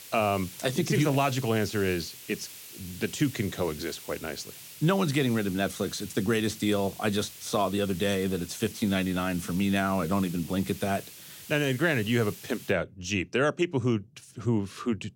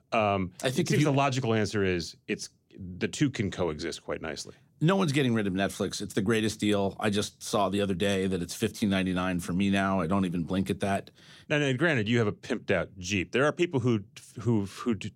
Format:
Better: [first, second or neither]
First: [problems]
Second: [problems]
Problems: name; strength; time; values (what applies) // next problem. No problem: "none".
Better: second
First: hiss; noticeable; until 13 s; 15 dB below the speech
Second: none